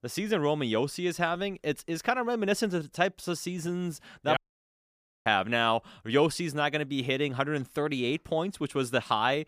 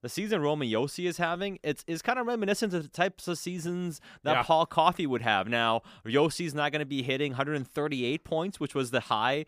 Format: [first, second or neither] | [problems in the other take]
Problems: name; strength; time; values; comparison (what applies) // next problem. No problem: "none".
second | audio cutting out; at 4.5 s for 1 s